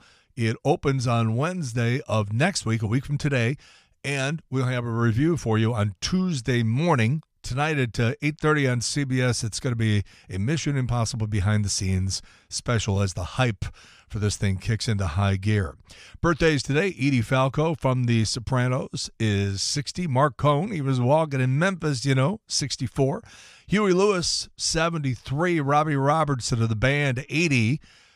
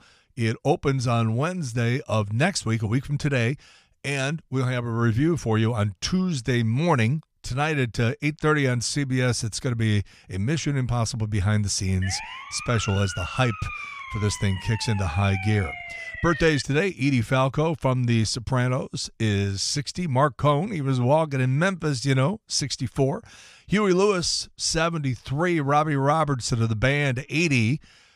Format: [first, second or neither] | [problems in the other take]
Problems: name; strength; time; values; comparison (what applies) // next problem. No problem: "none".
first | siren; noticeable; from 12 to 17 s; peak 8 dB below the speech